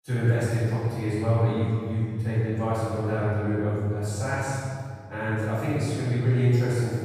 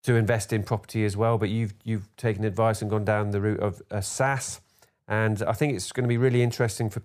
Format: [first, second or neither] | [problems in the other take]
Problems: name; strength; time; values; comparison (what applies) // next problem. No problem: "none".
second | room echo; strong; dies away in 2.9 s // off-mic speech; far